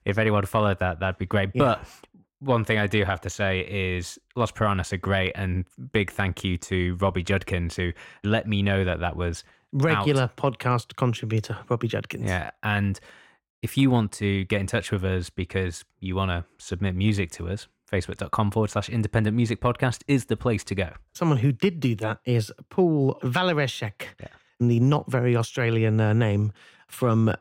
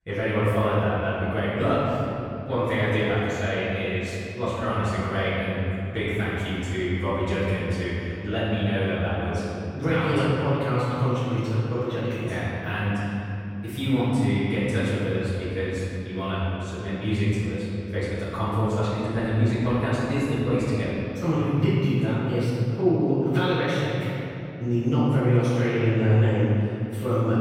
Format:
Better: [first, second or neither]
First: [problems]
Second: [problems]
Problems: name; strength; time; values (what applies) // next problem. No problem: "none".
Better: first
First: none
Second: off-mic speech; far // room echo; strong; dies away in 2.9 s